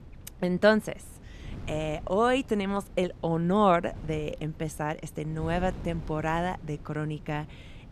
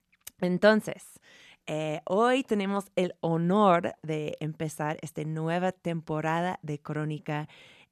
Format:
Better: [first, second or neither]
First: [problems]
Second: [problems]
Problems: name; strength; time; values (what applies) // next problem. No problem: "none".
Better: second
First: wind noise on the microphone; occasional gusts; 25 dB below the speech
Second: none